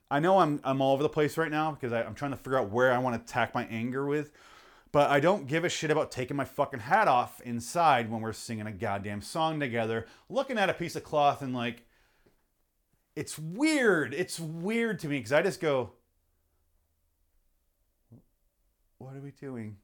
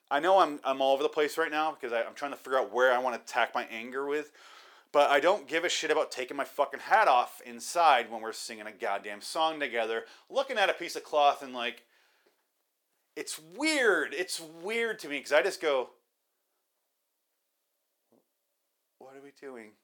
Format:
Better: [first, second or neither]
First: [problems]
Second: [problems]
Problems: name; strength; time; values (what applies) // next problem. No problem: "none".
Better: first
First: none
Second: thin; somewhat; fading below 400 Hz